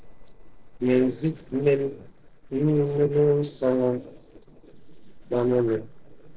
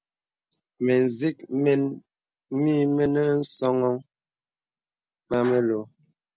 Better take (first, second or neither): second